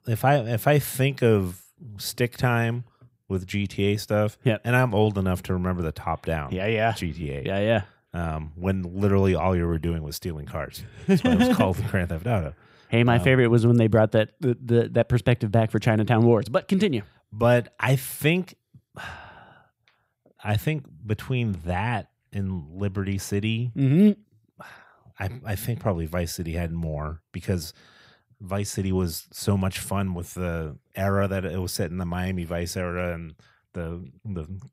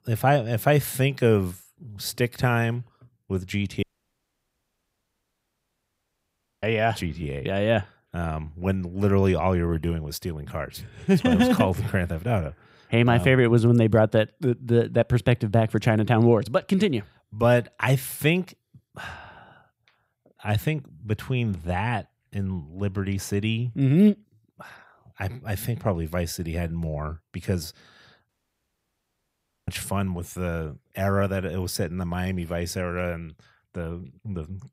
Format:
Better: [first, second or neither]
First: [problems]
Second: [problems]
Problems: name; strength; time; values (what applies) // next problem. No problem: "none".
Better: first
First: none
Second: audio cutting out; at 4 s for 3 s and at 28 s for 1.5 s